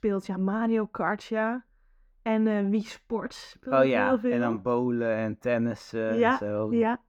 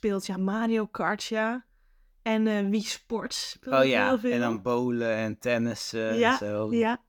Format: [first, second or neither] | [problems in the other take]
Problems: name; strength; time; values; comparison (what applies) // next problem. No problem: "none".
second | muffled; slightly; fading above 2.5 kHz